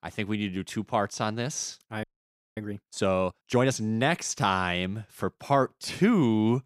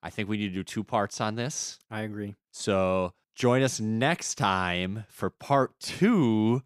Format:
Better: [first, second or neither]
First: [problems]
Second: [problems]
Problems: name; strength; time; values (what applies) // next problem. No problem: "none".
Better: second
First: audio freezing; at 2 s for 0.5 s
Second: none